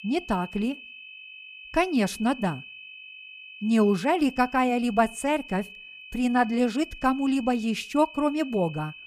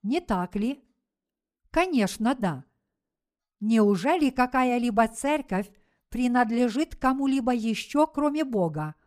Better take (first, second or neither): second